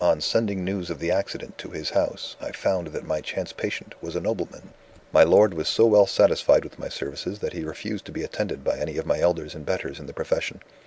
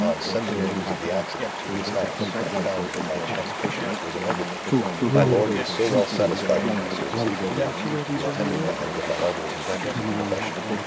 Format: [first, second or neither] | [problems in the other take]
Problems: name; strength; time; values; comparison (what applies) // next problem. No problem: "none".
first | background sound (Chatter / Stream); 3 dB above the speech